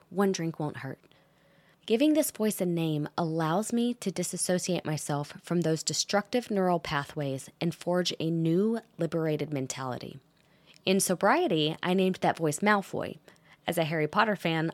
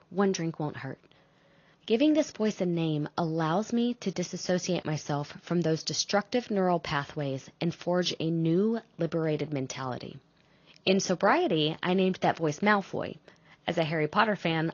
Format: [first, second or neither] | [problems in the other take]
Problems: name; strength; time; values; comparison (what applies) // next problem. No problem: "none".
first | garbled, watery; slightly; nothing above 6.5 kHz